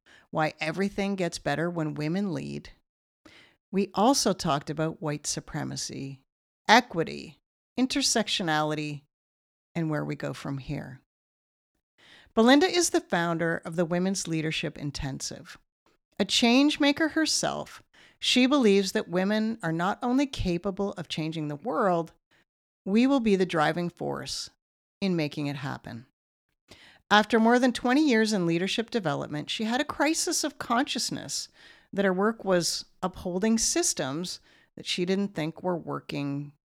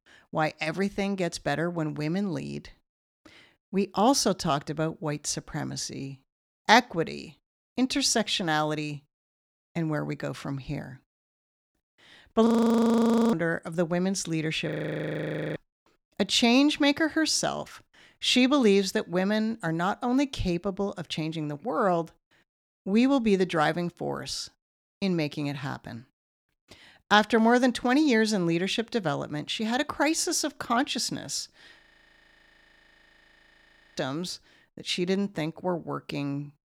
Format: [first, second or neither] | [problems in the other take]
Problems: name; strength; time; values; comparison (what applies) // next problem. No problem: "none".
first | audio freezing; at 12 s for 1 s, at 15 s for 1 s and at 32 s for 2 s